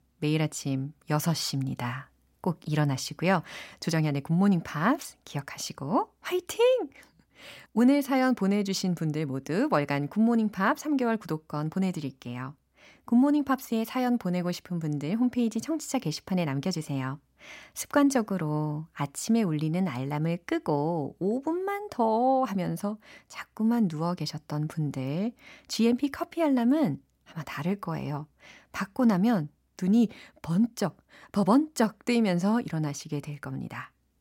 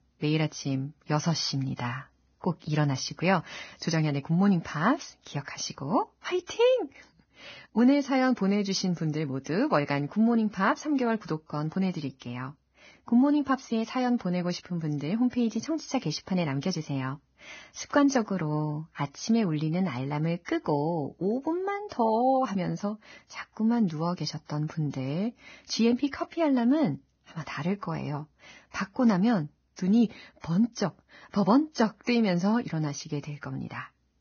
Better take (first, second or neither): first